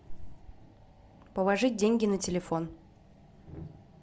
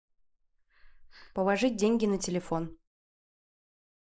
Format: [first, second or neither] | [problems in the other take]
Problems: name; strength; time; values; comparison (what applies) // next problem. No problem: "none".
first | noise reduction (neural mask model Resemble Enhance denoiser)